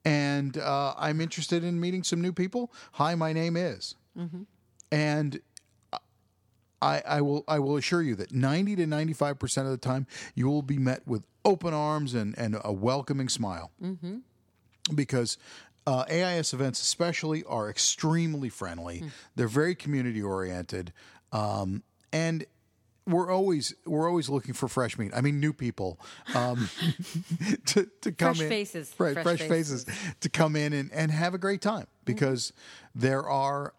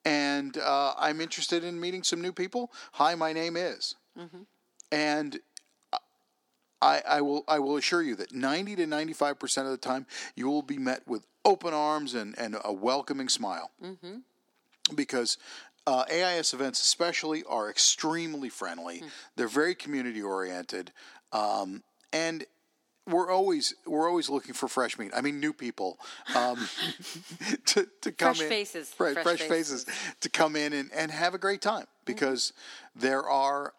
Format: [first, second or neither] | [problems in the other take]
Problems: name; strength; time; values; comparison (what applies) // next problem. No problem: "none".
first | thin; somewhat; fading below 250 Hz